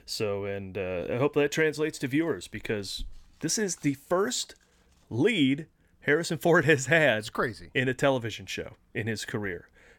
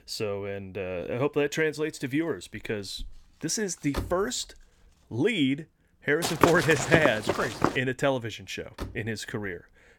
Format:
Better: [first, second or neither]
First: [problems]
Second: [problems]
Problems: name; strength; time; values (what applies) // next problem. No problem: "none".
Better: first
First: none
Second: door banging; noticeable; at 4 s; peak 7 dB below the speech // footsteps; loud; from 6 to 7.5 s; peak 4 dB above the speech // door banging; faint; at 9 s; peak 10 dB below the speech